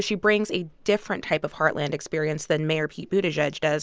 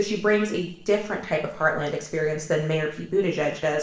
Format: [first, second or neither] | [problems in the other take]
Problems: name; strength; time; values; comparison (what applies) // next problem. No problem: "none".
first | noise reduction (neural separator model SepFormer DNS4)